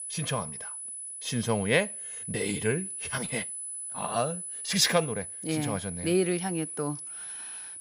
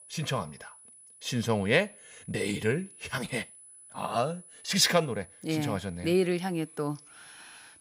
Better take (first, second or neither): second